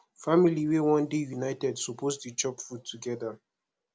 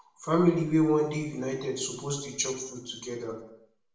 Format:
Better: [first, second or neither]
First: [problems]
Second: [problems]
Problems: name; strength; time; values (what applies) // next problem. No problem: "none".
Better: first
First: none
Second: room echo; dies away in 0.7 s